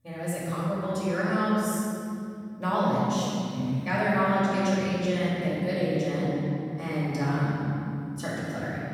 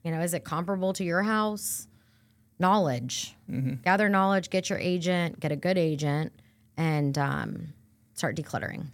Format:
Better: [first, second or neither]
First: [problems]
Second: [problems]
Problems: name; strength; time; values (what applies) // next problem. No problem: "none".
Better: second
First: room echo; strong; dies away in 3 s // off-mic speech; far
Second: none